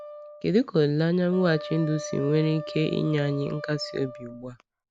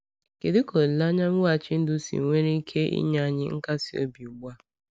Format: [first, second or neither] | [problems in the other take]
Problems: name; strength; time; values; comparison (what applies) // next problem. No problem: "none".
second | background sound (Wind instrument, woodwind instrument); 14 dB below the speech